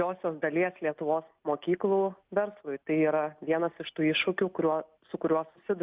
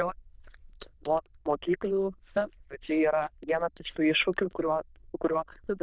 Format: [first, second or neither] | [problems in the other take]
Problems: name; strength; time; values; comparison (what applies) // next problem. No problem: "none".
first | noise reduction (neural diffusion model UNIVERSE++)